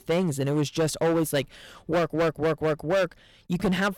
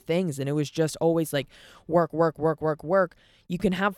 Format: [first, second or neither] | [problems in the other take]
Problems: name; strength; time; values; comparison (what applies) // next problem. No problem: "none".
second | distortion; heavy; 14% of the sound clipped